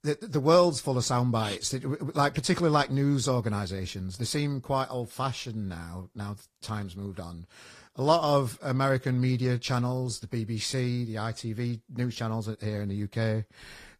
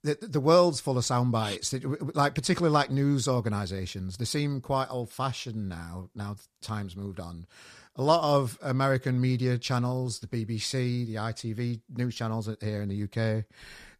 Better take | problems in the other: second | garbled, watery; slightly; nothing above 14.5 kHz

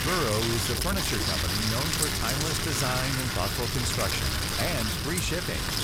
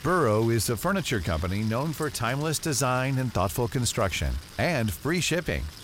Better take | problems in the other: second | wind noise on the microphone; heavy; 4 dB above the speech; occasional gusts in the second

